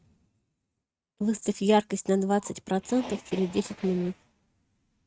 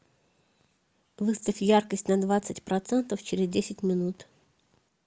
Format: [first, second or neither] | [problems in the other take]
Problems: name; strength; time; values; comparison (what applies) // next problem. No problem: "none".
second | noise reduction (neural mask model RNNoise)